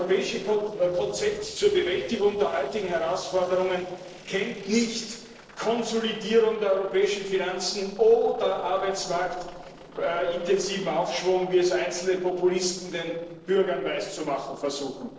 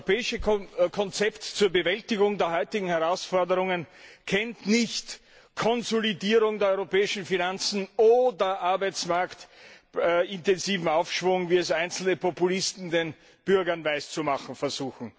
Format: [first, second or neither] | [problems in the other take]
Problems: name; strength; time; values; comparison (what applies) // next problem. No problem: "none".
second | noise reduction (neural separator model SepFormer DNS4)